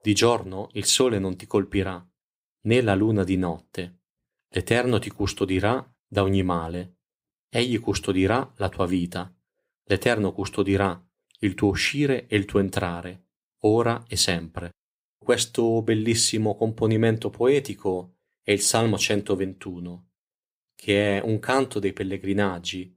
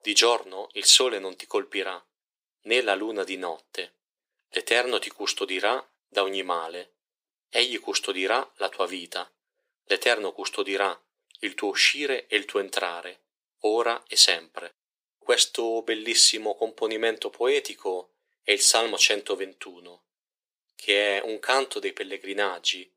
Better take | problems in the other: first | thin; very; fading below 400 Hz

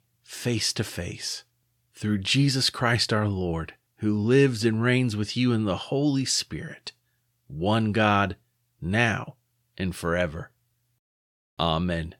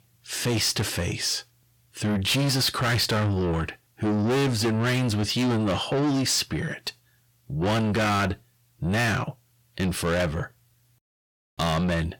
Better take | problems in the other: first | distortion; heavy; 6 dB below the speech

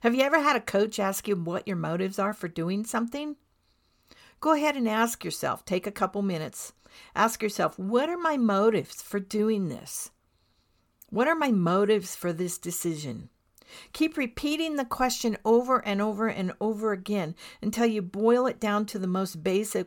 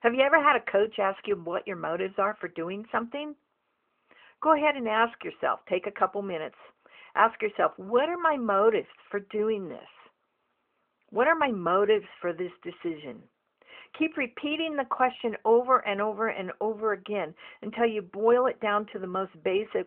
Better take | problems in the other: first | phone-call audio; nothing above 3 kHz

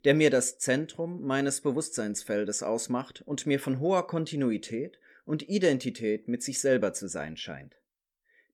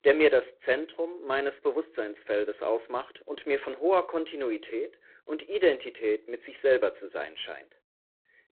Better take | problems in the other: first | phone-call audio; poor line

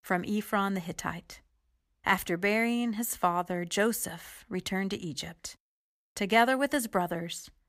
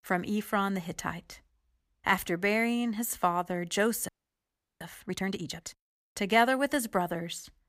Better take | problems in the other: first | audio freezing; at 4 s for 0.5 s

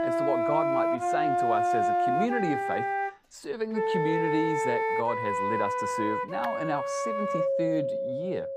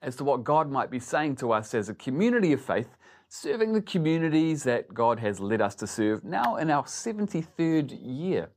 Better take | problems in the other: second | background music; very loud; throughout; 4 dB above the speech

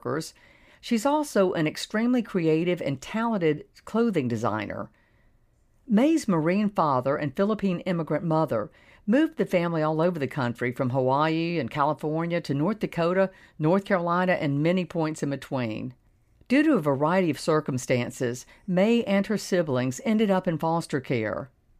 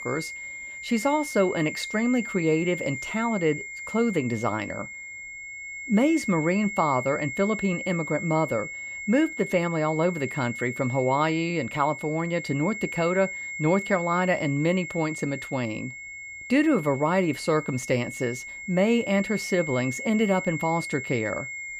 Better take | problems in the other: first | high-pitched whine; loud; throughout; 2 kHz, 8 dB below the speech

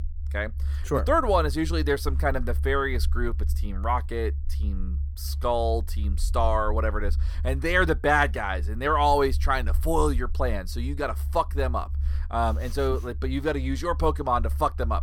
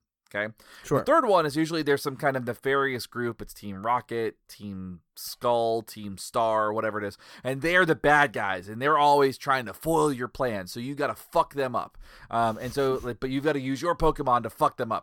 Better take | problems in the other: second | low rumble; faint; throughout; 25 dB below the speech

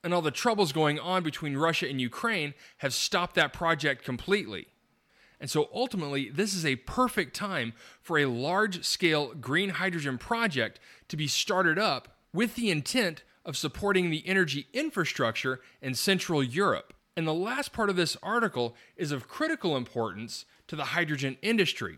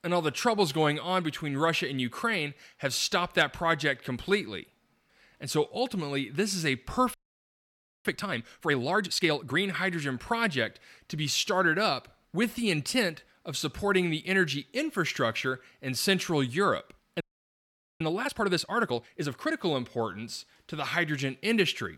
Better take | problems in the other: first | audio freezing; at 7 s for 1 s and at 17 s for 1 s

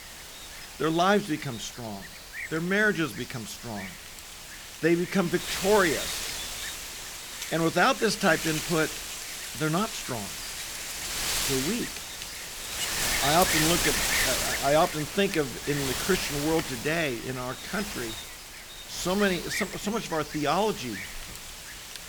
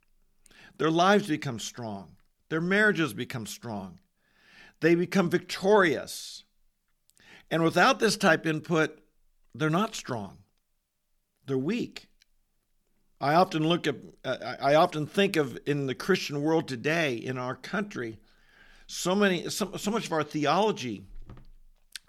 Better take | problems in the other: second | wind noise on the microphone; heavy; 4 dB below the speech

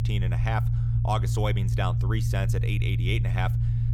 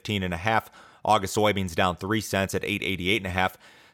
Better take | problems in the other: second | low rumble; loud; throughout; 6 dB below the speech

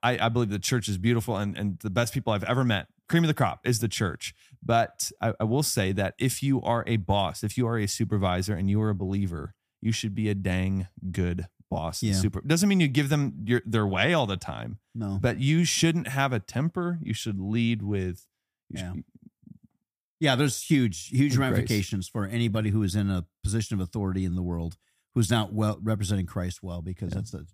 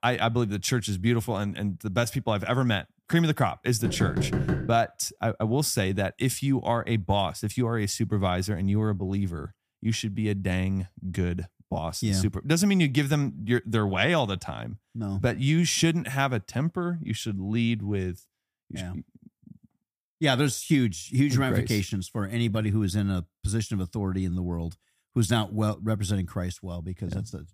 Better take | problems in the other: first | door banging; loud; at 4 s; peak level with the speech

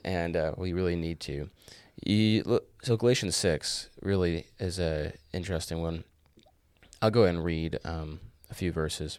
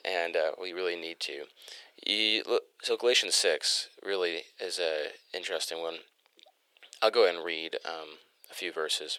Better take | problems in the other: first | thin; very; fading below 450 Hz

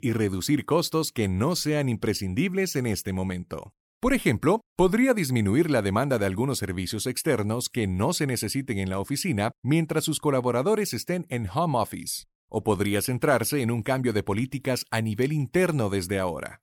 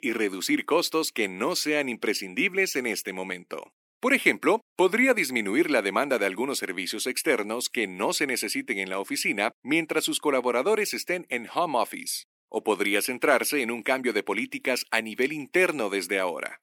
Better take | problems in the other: first | thin; somewhat; fading below 250 Hz

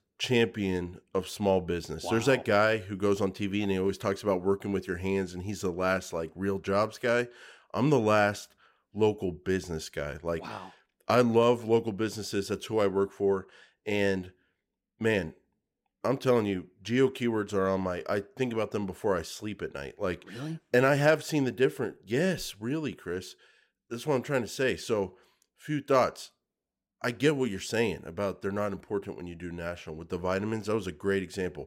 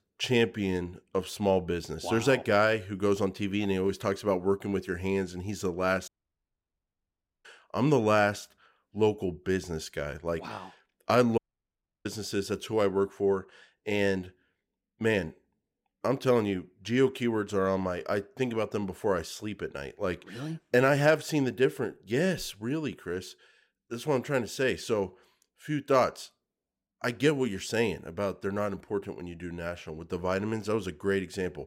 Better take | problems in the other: first | audio cutting out; at 6 s for 1.5 s and at 11 s for 0.5 s

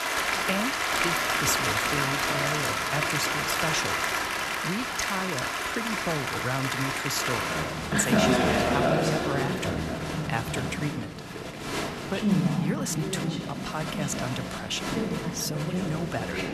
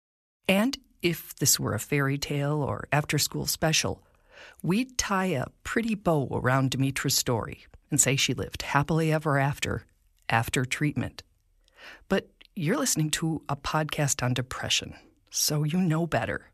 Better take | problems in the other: second | crowd noise; very loud; throughout; 5 dB above the speech

